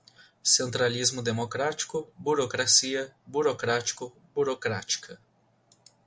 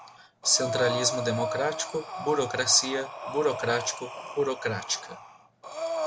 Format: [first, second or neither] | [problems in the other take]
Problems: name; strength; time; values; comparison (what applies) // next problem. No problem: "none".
first | background sound (Breathing); 6 dB below the speech